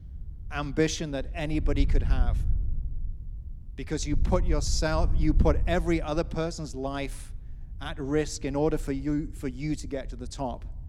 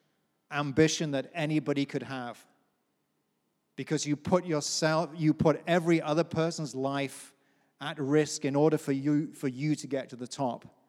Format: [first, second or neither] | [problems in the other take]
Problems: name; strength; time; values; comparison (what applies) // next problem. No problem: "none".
second | wind noise on the microphone; occasional gusts; 20 dB below the speech